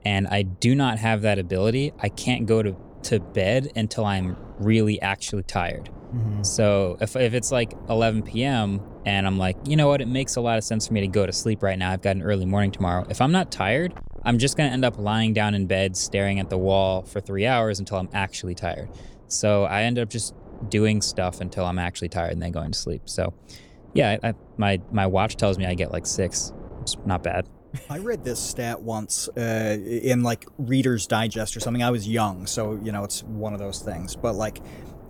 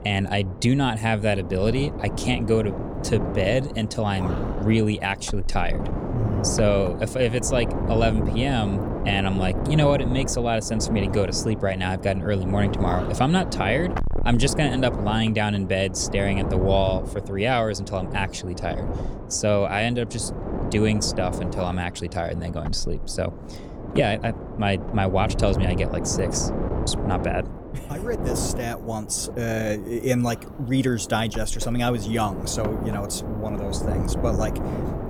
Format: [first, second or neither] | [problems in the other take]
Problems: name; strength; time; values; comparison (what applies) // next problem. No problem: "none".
first | wind noise on the microphone; heavy; 9 dB below the speech; occasional gusts in the first